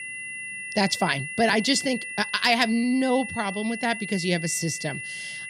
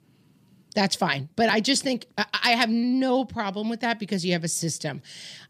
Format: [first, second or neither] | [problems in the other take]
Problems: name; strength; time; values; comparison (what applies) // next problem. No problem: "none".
second | high-pitched whine; loud; throughout; 2 kHz, 9 dB below the speech